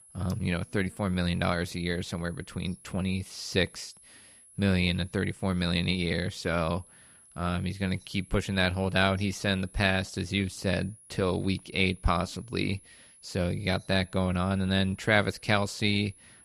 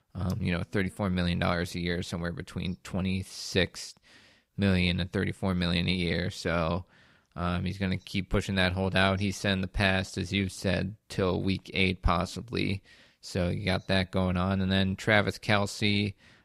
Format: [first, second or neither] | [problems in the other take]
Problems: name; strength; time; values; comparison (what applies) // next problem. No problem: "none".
second | high-pitched whine; faint; throughout; 10.5 kHz, 25 dB below the speech